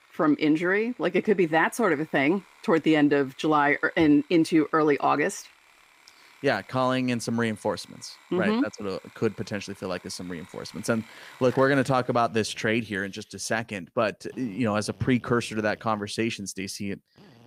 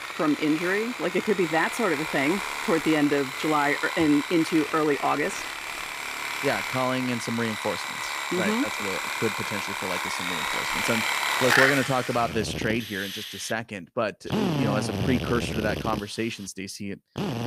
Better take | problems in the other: first | machinery noise; loud; throughout; 2 dB below the speech; faint in the first

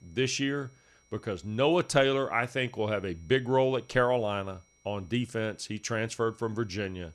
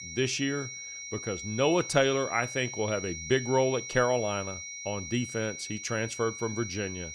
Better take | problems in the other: first | high-pitched whine; loud; throughout; 5.5 kHz, 8 dB below the speech; faint in the first

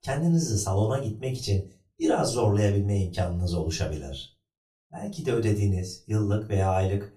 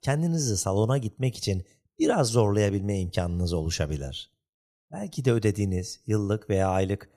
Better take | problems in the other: second | off-mic speech; far // room echo; very slight; dies away in 0.2 s

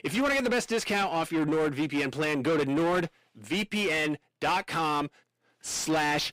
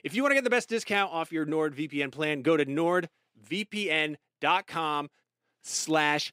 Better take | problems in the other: second | distortion; heavy; 6 dB below the speech

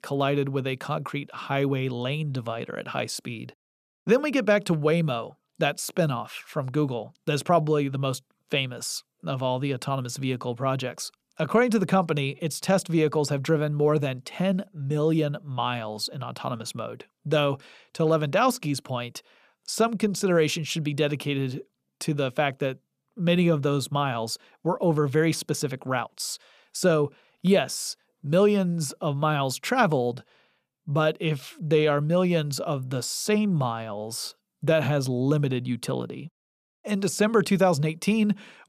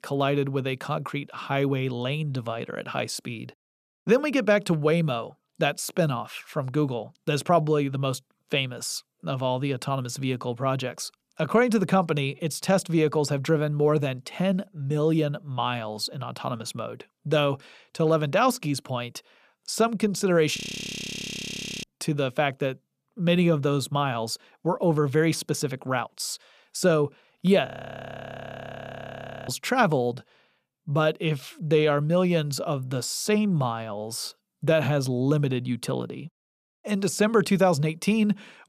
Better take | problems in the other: first | audio freezing; at 21 s for 1.5 s and at 28 s for 2 s

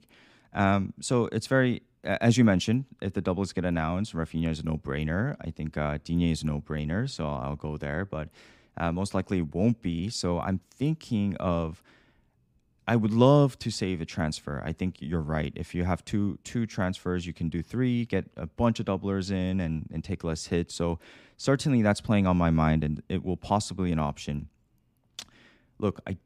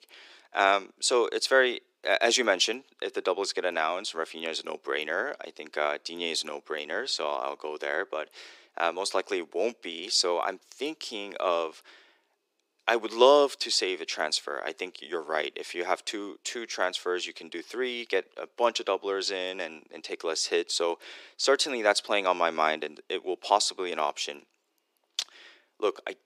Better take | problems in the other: first | thin; very; fading below 350 Hz

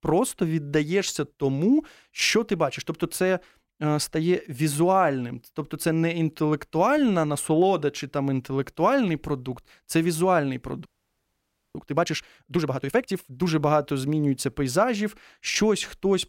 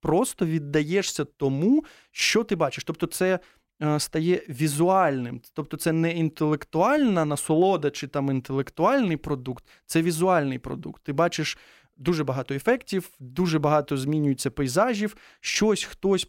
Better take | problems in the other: second | audio freezing; at 11 s for 1 s

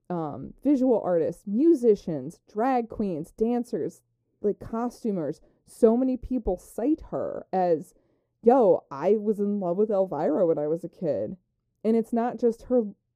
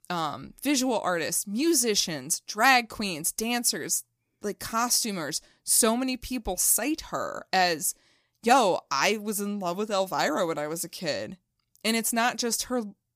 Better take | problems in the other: second | muffled; very; fading above 1.5 kHz

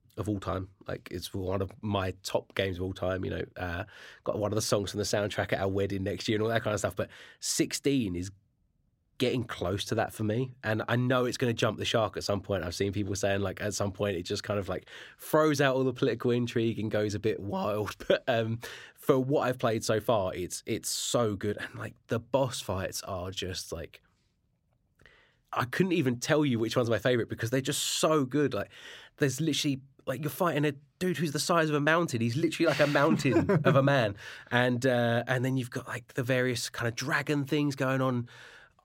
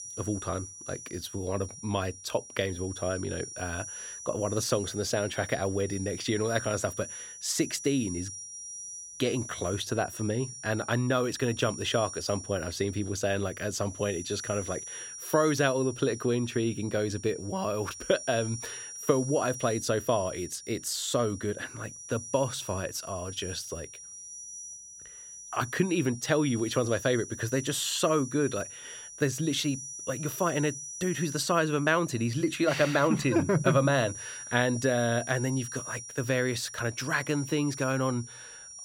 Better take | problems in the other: first | high-pitched whine; noticeable; throughout; 6 kHz, 10 dB below the speech

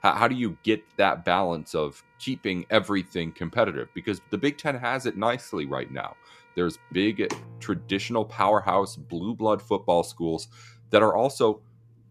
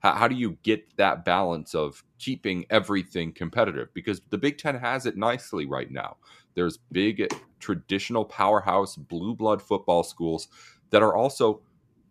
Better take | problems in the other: second | background music; faint; throughout; 25 dB below the speech

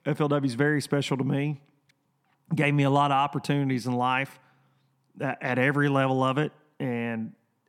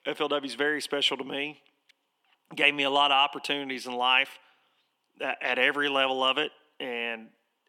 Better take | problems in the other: first | thin; somewhat; fading below 350 Hz

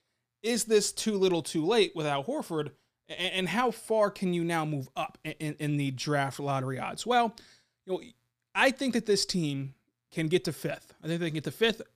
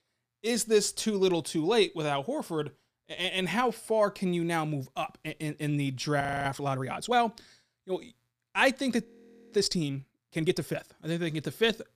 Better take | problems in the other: first | audio freezing; at 6 s and at 9 s

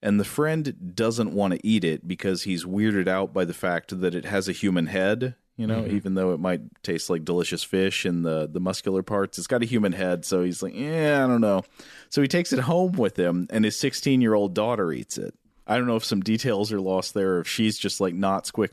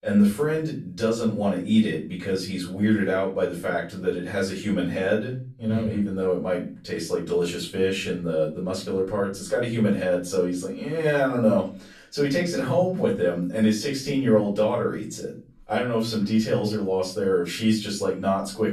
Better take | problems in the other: first | room echo; slight; dies away in 0.3 s // off-mic speech; far

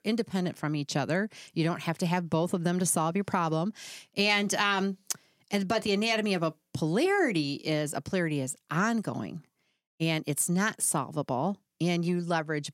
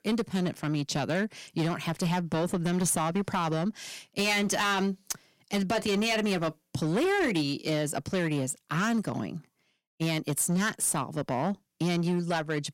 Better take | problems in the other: first | distortion; slight; 11% of the sound clipped

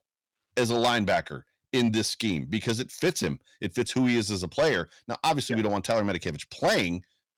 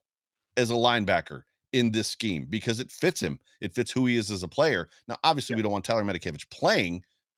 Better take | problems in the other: second | distortion; slight; 10 dB below the speech

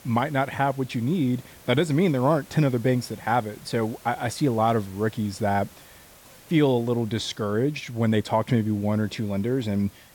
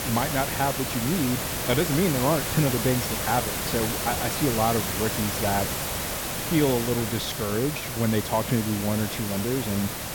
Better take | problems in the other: first | hiss; loud; throughout; 1 dB below the speech; faint in the first

